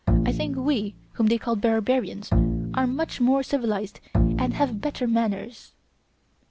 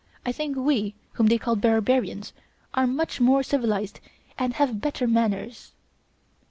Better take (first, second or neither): second